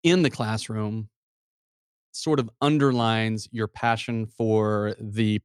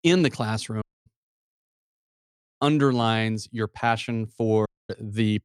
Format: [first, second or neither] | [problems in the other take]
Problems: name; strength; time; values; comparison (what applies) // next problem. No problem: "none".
first | audio cutting out; at 1 s, at 2 s for 0.5 s and at 4.5 s